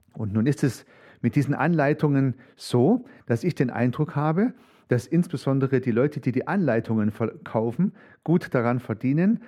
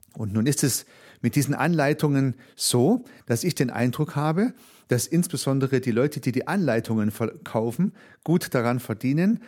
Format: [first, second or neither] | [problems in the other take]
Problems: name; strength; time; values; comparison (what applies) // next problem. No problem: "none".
second | muffled; slightly; fading above 4 kHz